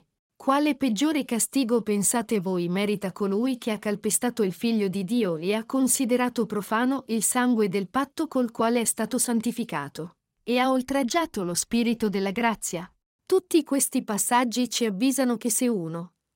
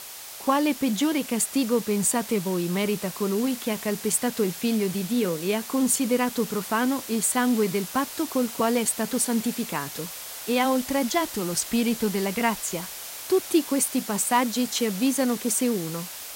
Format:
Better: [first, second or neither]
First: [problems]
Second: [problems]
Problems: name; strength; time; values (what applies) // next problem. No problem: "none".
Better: first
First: none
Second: hiss; loud; throughout; 10 dB below the speech